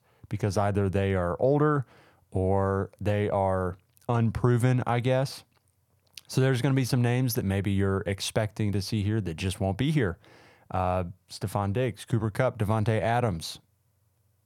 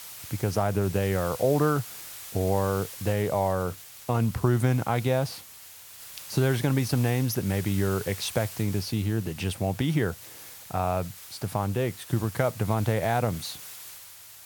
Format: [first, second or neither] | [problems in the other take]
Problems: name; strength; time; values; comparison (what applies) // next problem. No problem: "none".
first | hiss; noticeable; throughout; 15 dB below the speech